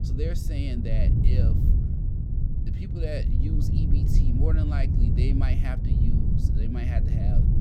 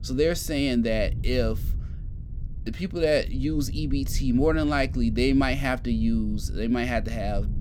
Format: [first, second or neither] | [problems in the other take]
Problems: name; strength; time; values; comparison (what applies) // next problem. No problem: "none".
second | low rumble; loud; throughout; as loud as the speech; faint in the second